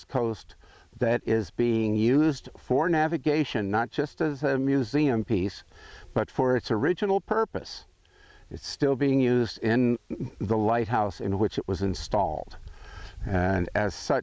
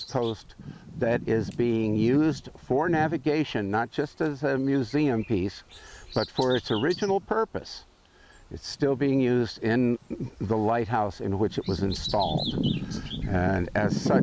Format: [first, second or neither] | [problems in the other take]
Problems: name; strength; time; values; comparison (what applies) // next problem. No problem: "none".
first | background sound (Bird vocalization, bird call, bird song); 9 dB below the speech